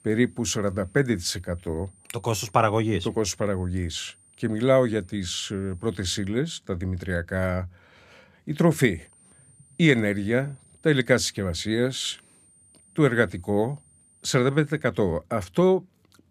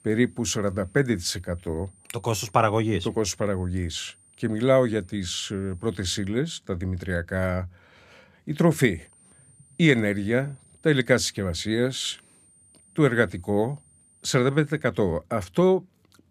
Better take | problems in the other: neither | high-pitched whine; faint; until 6.5 s and from 9 to 15 s; 9 kHz, 30 dB below the speech; the same in both

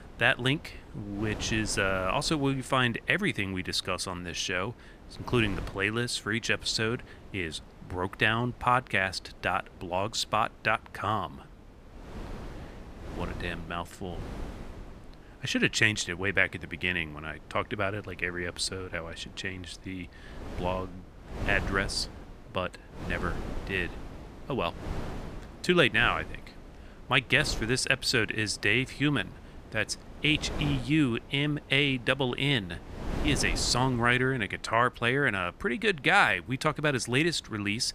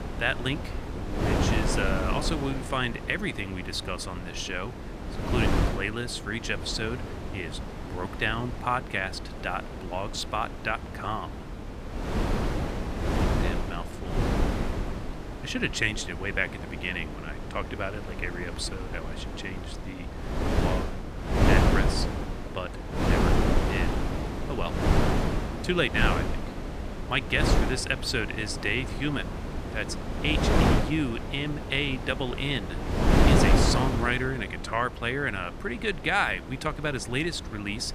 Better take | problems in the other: first | wind noise on the microphone; heavy; 3 dB below the speech; occasional gusts in the first

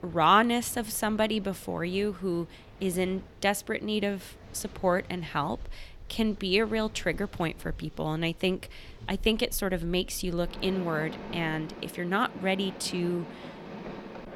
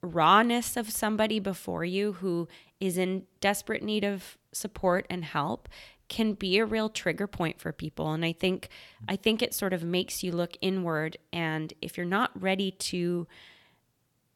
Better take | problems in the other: second | machinery noise; noticeable; throughout; 15 dB below the speech

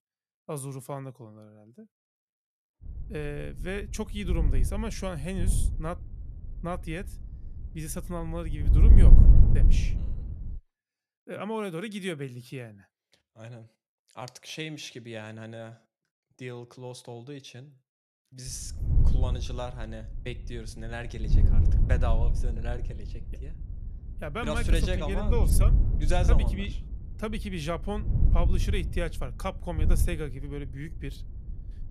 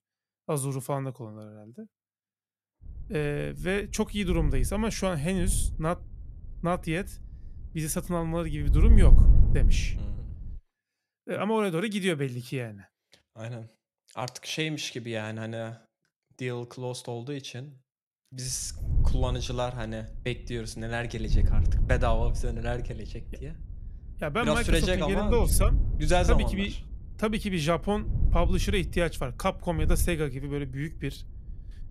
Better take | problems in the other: second | wind noise on the microphone; heavy; from 3 to 11 s and from 18 s on; 6 dB below the speech; occasional gusts in the second

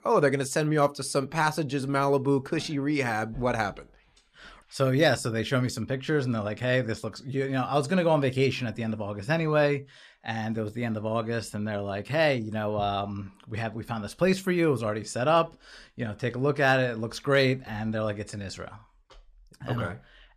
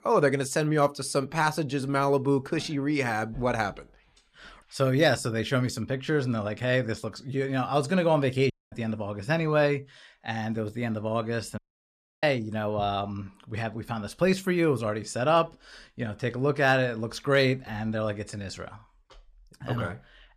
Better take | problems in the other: first | audio cutting out; at 8.5 s and at 12 s for 0.5 s

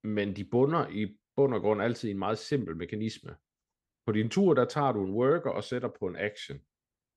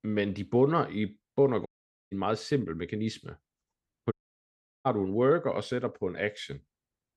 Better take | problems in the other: first | audio cutting out; at 1.5 s and at 4 s for 0.5 s

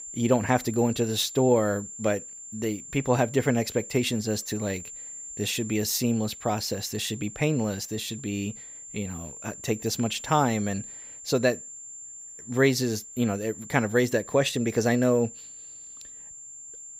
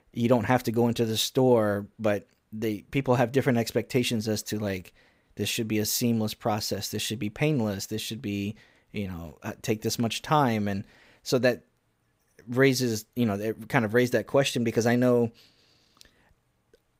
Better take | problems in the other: second | high-pitched whine; noticeable; throughout; 7.5 kHz, 15 dB below the speech

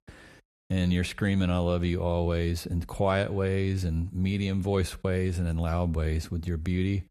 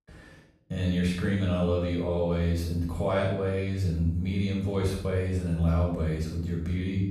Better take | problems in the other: first | off-mic speech; far // room echo; noticeable; dies away in 0.6 s

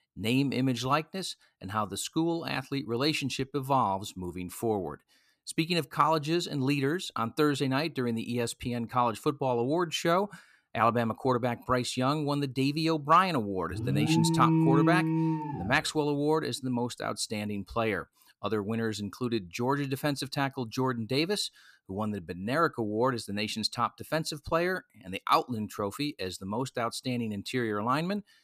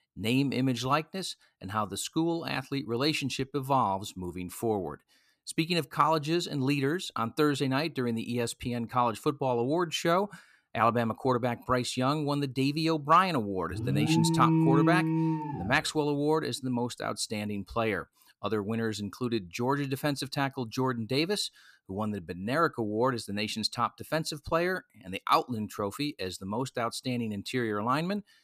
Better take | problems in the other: neither | alarm; loud; from 14 to 16 s; peak 5 dB above the speech; the same in both

